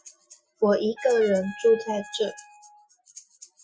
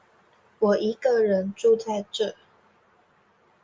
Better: second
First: noise reduction (classical method Wiener filter)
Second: none

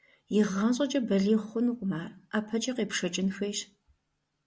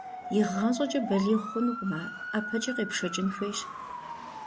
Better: first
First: none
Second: background sound (Motor vehicle (road) / Siren); 8 dB below the speech

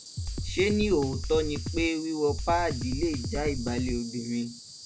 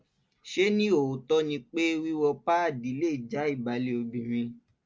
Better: second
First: background sound (Insect + Drum kit); 5 dB below the speech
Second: none

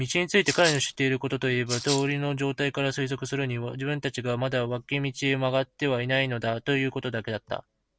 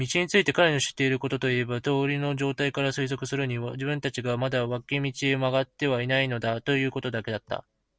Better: second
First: background sound (Rattle (instrument)); 6 dB below the speech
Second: none

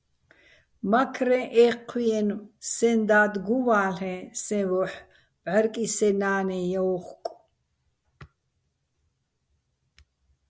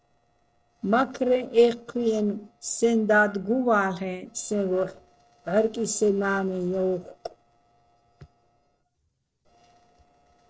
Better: first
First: none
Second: noise reduction (neural separator model SepFormer DNS4)

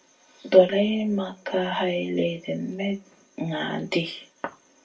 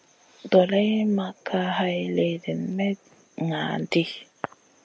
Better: second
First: room echo; dies away in 0.2 s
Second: none

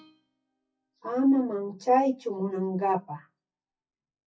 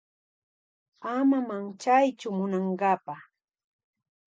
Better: second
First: noise reduction (classical method WPE with log-MMSE)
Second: none

